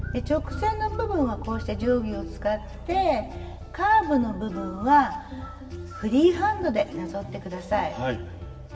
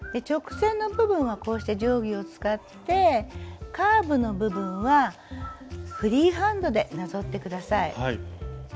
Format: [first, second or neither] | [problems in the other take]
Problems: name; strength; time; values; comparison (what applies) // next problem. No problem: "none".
second | background sound (Bass guitar); 13 dB below the speech // room echo; dies away in 1.3 s